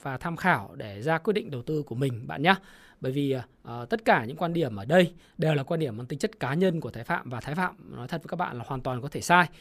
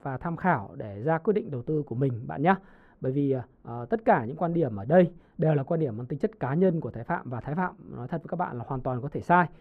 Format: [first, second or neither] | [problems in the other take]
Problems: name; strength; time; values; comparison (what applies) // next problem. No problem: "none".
first | muffled; very; fading above 2.5 kHz